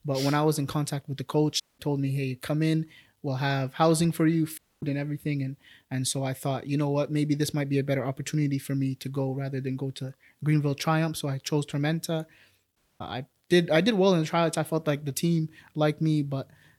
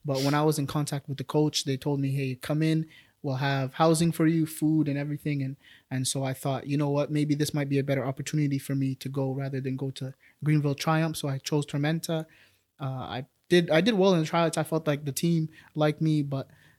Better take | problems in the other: second | audio cutting out; at 1.5 s, at 4.5 s and at 13 s

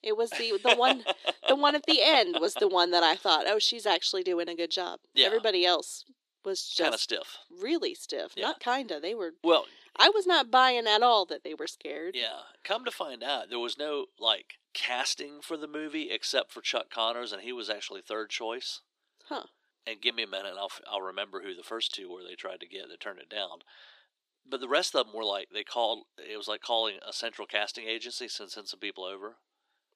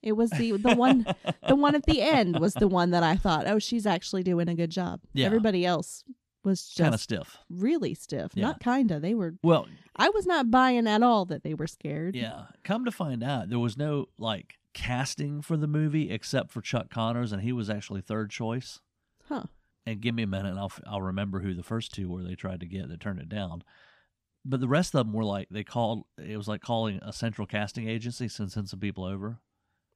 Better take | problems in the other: second | thin; very; fading below 350 Hz

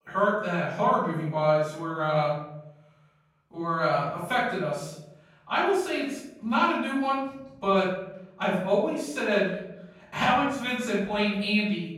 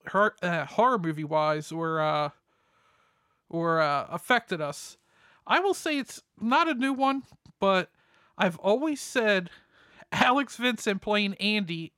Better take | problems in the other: second | room echo; noticeable; dies away in 0.9 s // off-mic speech; far

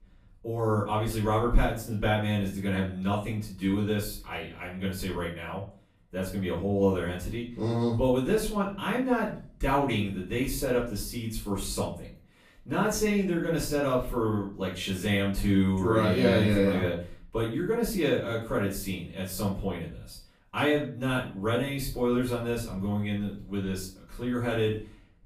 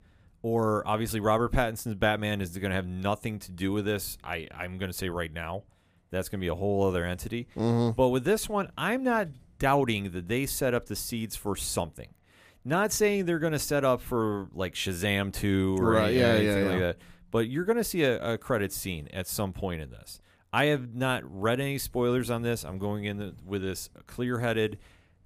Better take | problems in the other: second | off-mic speech; far // room echo; slight; dies away in 0.4 s

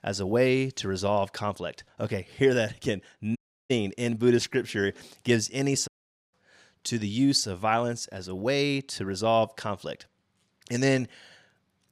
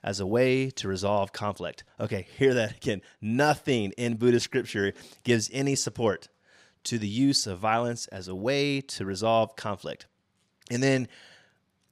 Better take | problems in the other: second | audio cutting out; at 3.5 s and at 6 s

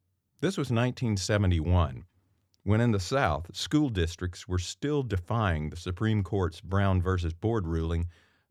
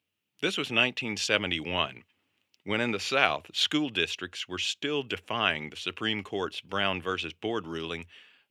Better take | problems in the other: first | thin; somewhat; fading below 250 Hz

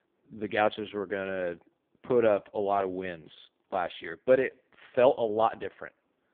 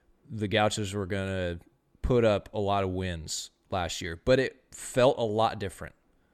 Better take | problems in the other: second | phone-call audio; poor line

